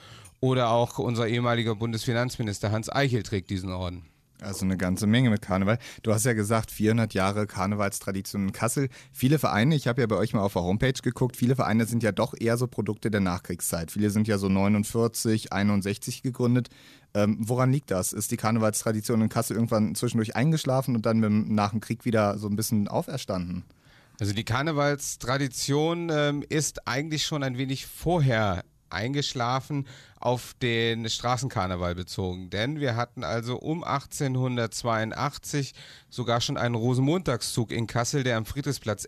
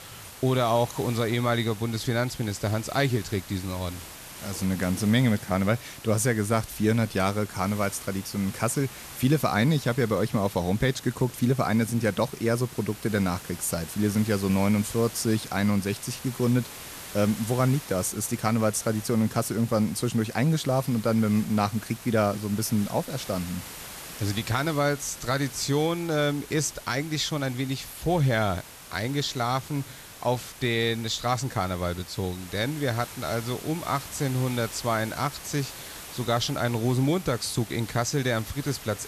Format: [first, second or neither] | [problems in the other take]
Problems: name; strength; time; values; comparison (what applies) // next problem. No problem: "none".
first | hiss; noticeable; throughout; 15 dB below the speech